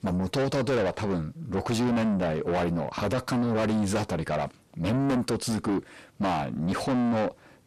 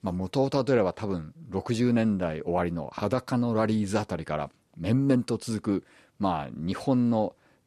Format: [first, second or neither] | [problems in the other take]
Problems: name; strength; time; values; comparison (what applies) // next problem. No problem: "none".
second | distortion; heavy; 6 dB below the speech